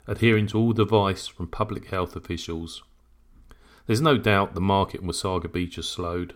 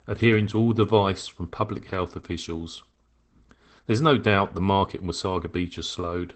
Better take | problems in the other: first | garbled, watery; badly; nothing above 8 kHz

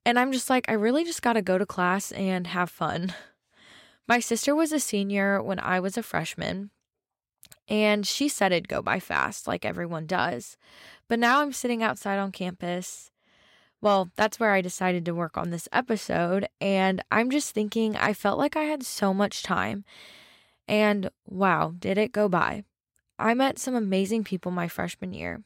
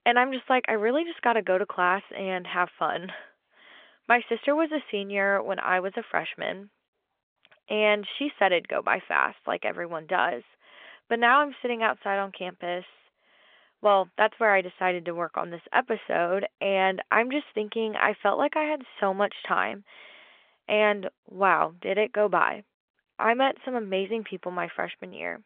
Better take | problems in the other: first | phone-call audio; nothing above 3.5 kHz

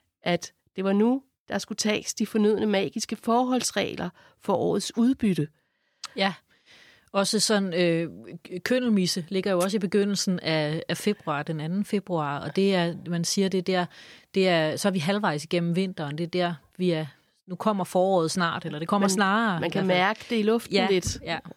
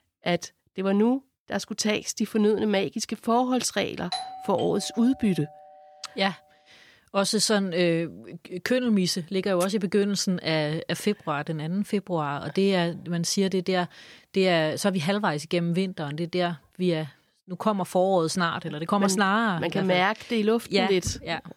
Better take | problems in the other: first | doorbell; noticeable; from 4 to 5.5 s; peak 7 dB below the speech

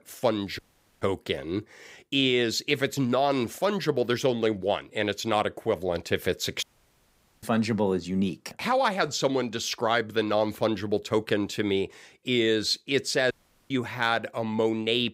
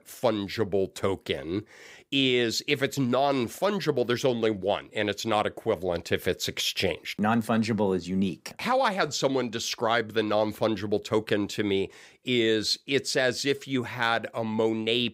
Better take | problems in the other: second | audio cutting out; at 0.5 s, at 6.5 s for 1 s and at 13 s

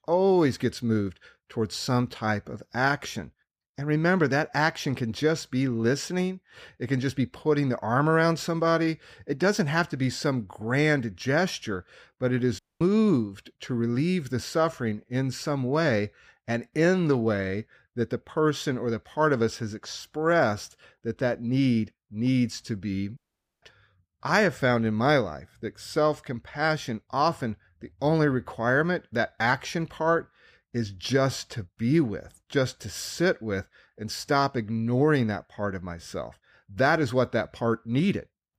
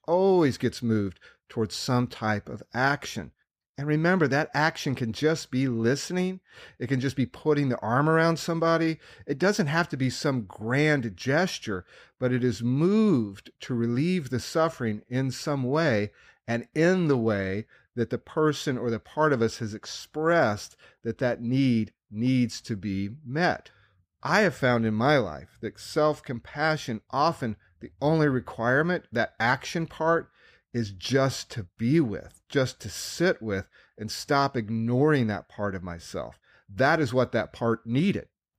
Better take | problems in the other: second | audio cutting out; at 13 s and at 23 s

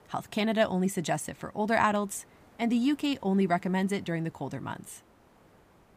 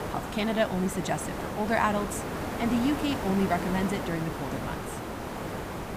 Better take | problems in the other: first | hiss; loud; throughout; 5 dB below the speech; faint in the first

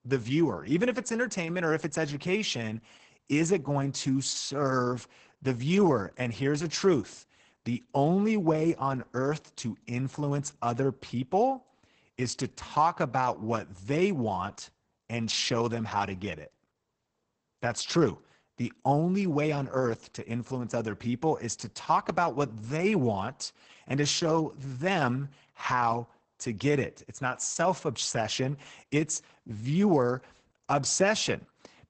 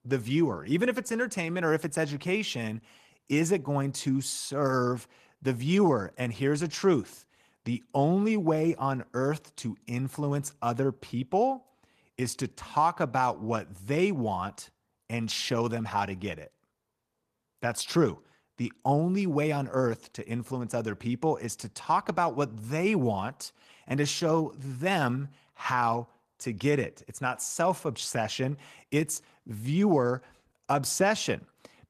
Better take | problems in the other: second | garbled, watery; badly; nothing above 8 kHz; slightly in the second

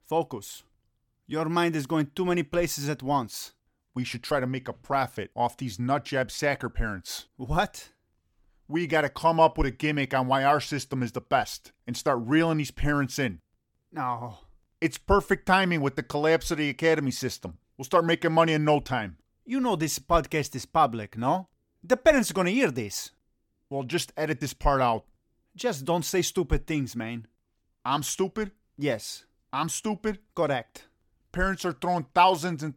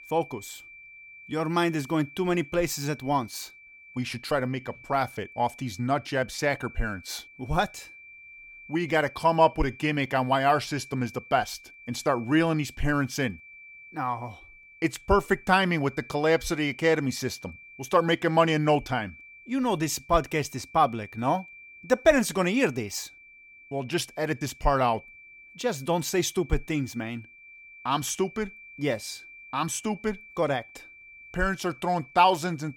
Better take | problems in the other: first | high-pitched whine; noticeable; throughout; 2.5 kHz, 20 dB below the speech

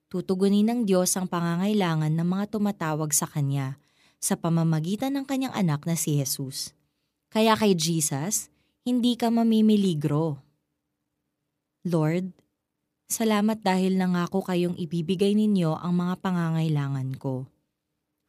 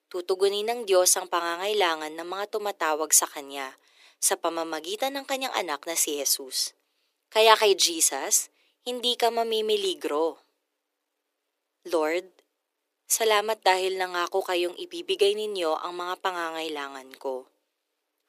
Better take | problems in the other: first | thin; very; fading below 350 Hz

